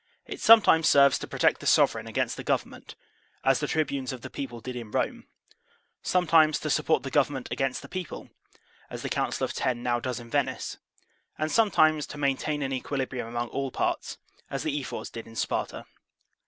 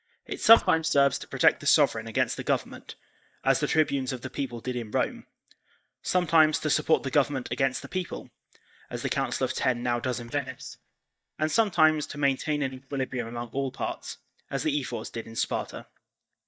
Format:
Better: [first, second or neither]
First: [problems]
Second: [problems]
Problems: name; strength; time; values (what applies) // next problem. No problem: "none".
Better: first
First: none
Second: noise reduction (neural mask model DeepFilterNet 3)